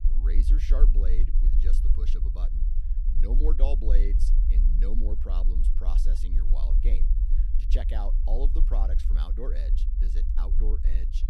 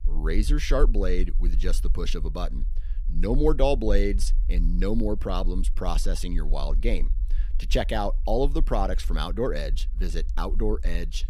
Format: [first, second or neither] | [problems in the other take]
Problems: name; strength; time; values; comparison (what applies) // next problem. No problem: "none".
second | low rumble; loud; throughout; 7 dB below the speech; faint in the second